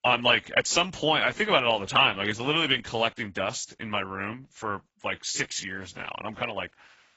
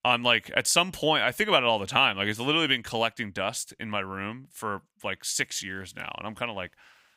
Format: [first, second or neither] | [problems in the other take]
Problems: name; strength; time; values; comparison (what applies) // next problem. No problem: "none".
second | garbled, watery; badly; nothing above 7.5 kHz